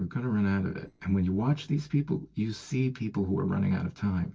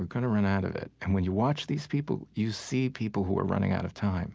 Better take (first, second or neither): second